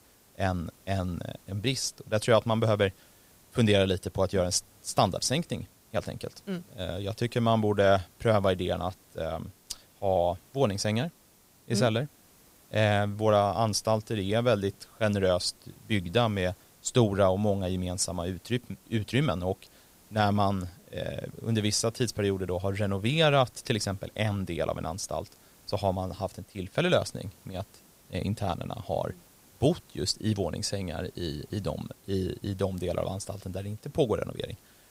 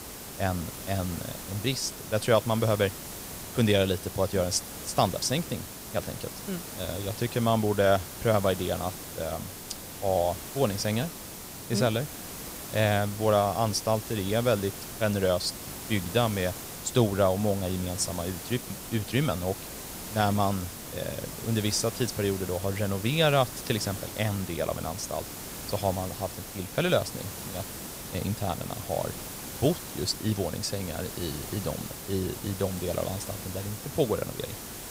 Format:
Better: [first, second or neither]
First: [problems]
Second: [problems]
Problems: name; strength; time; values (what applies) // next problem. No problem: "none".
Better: first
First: hiss; faint; throughout; 30 dB below the speech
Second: hiss; loud; throughout; 9 dB below the speech